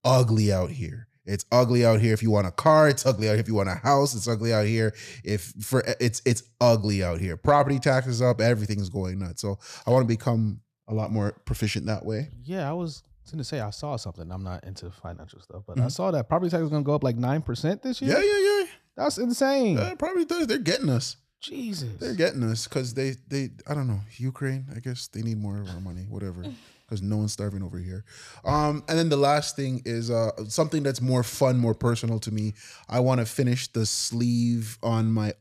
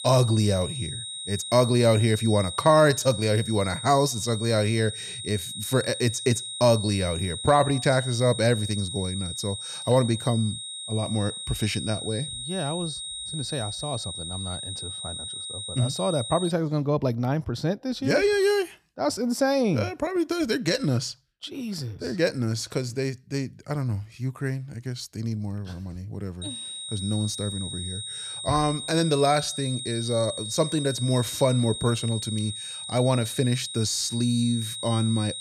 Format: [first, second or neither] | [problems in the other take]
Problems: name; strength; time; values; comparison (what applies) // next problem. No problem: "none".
first | high-pitched whine; loud; until 17 s and from 26 s on; 4 kHz, 7 dB below the speech